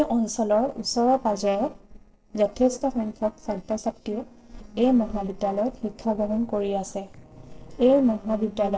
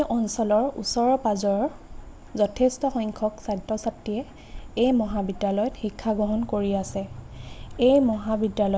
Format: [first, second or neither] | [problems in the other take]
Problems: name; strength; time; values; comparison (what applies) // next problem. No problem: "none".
second | noise reduction (neural separator model SepFormer DNS4)